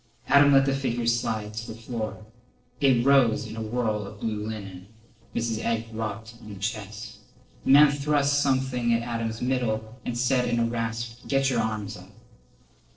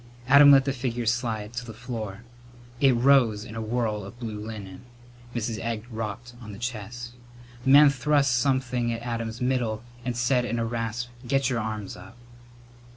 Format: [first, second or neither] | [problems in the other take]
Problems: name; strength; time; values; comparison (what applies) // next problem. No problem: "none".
second | noise reduction (neural separator model SepFormer DNS4)